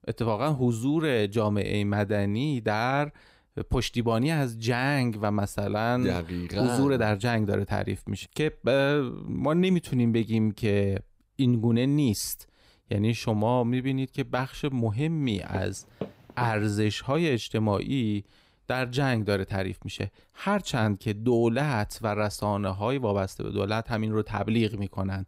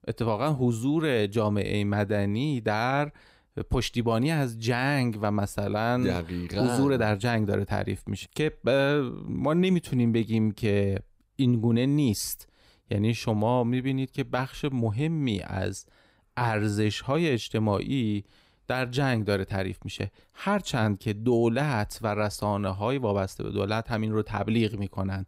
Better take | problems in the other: second | footsteps; faint; from 15 to 17 s; peak 15 dB below the speech

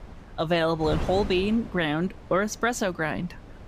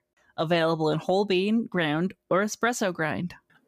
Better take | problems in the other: second | wind noise on the microphone; occasional gusts; 15 dB below the speech

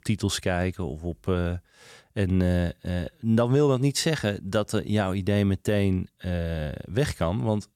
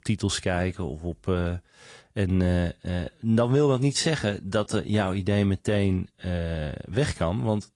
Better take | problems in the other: first | garbled, watery; slightly

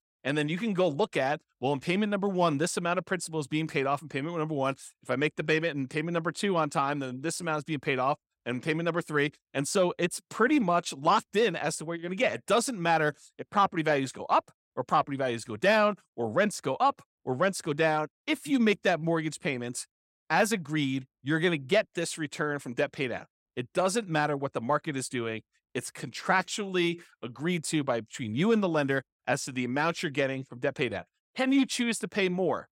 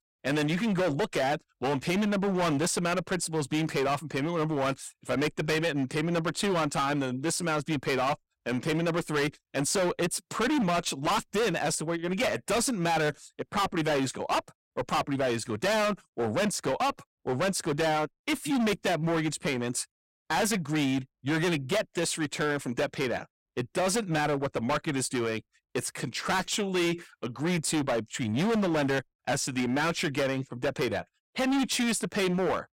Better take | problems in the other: first | distortion; heavy; 20% of the sound clipped

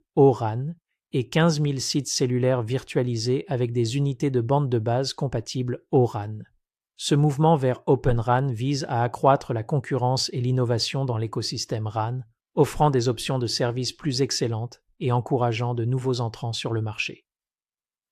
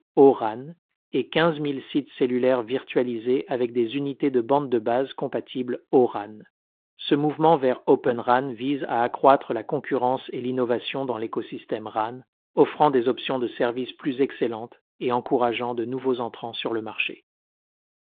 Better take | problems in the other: first | phone-call audio; nothing above 3.5 kHz

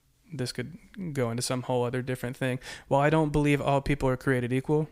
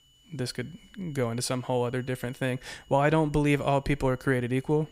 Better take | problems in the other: first | high-pitched whine; faint; throughout; 3 kHz, 30 dB below the speech

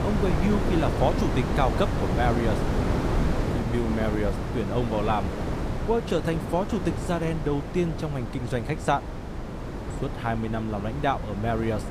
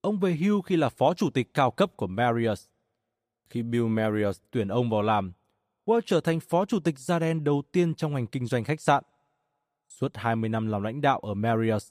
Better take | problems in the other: second | wind noise on the microphone; heavy; 5 dB below the speech

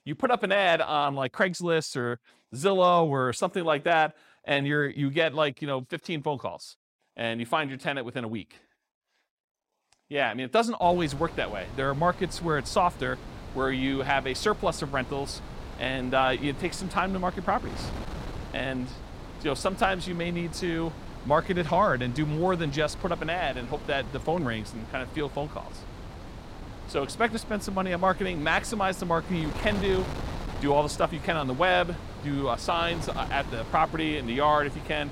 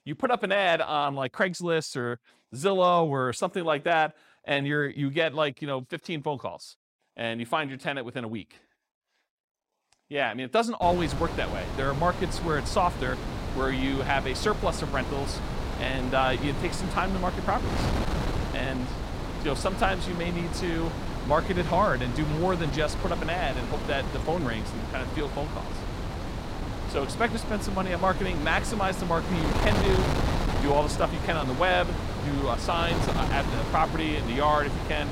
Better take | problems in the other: first | wind noise on the microphone; heavy; from 11 s on; 7 dB below the speech; occasional gusts in the first

